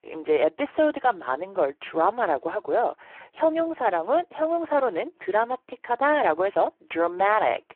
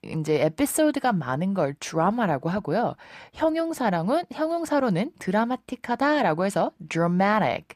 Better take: second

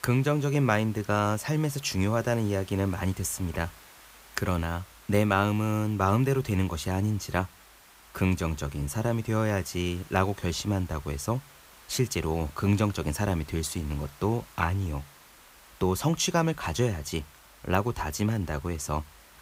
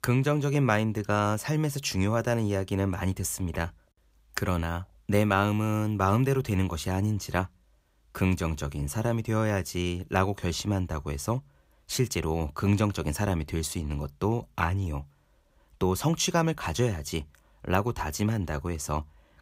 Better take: second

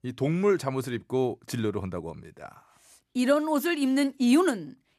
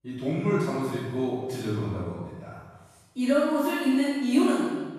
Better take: first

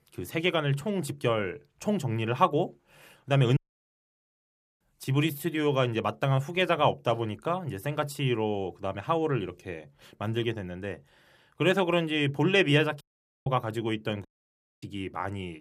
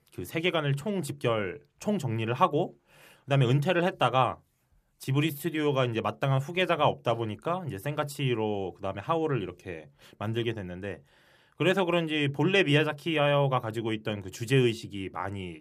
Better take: second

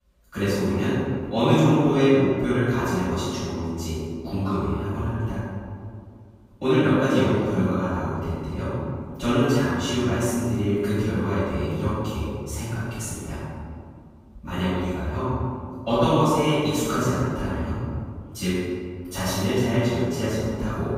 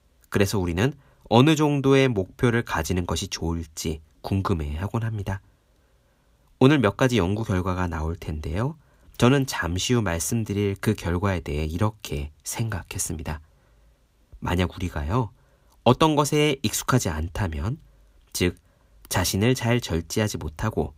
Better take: second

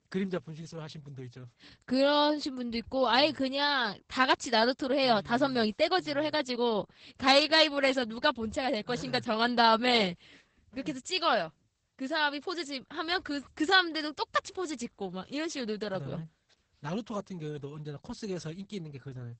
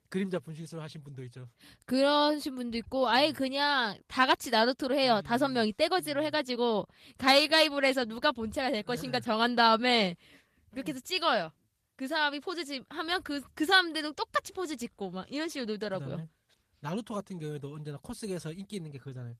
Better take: second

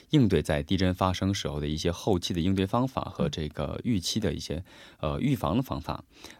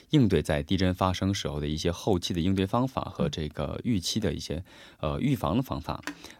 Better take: first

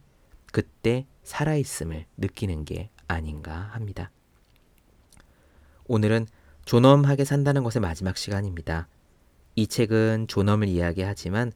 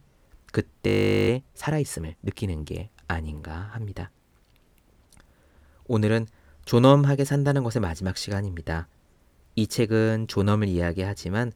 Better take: first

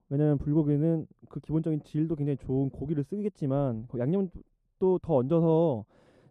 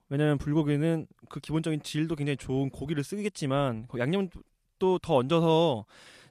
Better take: second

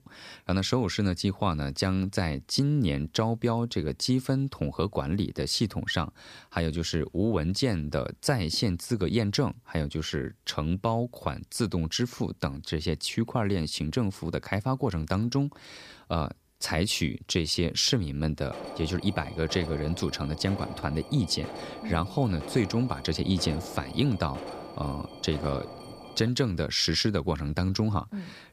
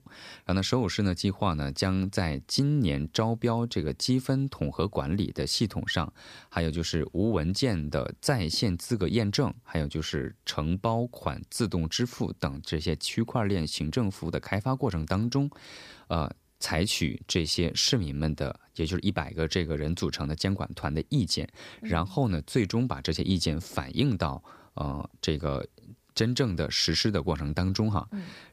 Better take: second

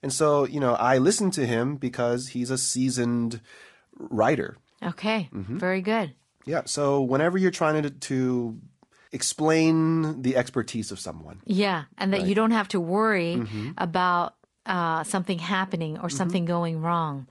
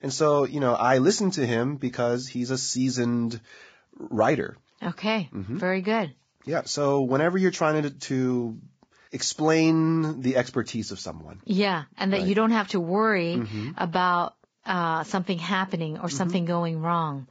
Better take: first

